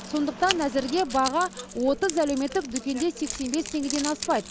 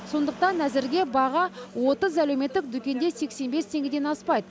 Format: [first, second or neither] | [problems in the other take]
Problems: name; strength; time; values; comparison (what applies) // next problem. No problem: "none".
second | background sound (Keys jangling); 10 dB below the speech